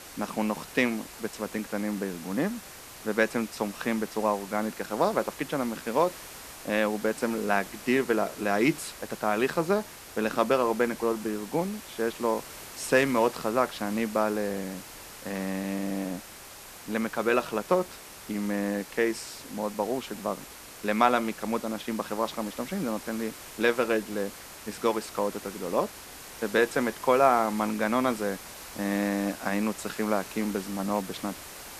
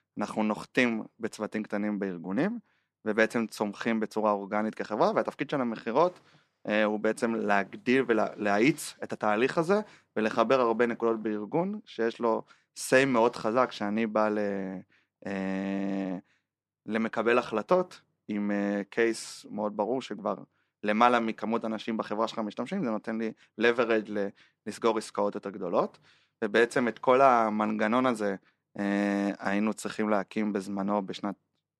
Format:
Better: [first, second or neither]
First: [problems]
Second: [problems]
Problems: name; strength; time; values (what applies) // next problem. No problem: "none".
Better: second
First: hiss; noticeable; throughout; 15 dB below the speech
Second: none